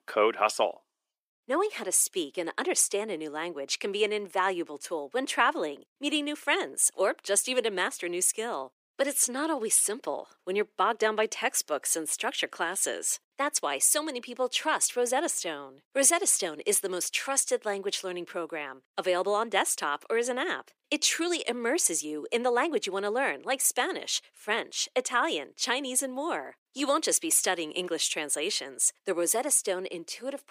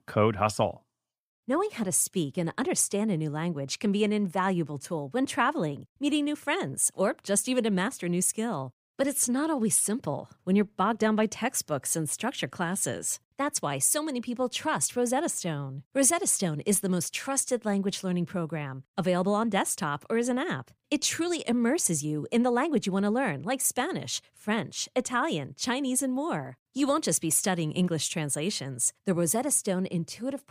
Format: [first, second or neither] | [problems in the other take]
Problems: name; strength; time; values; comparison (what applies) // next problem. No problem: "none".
second | thin; somewhat; fading below 350 Hz